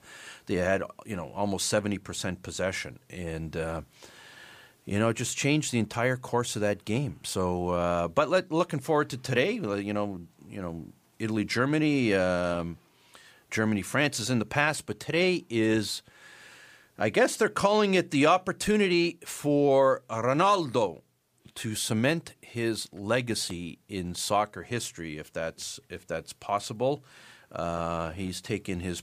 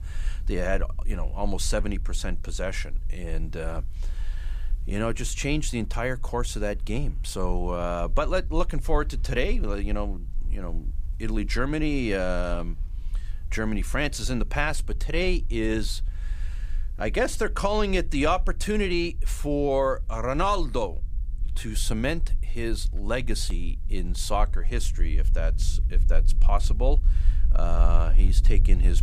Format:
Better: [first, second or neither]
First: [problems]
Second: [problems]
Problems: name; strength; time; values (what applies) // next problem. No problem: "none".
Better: first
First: none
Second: low rumble; faint; throughout; 25 dB below the speech